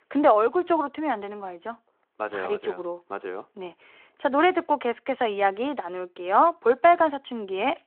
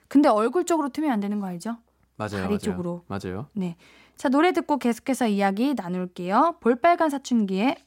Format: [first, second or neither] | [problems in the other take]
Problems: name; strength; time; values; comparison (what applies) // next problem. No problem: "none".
second | phone-call audio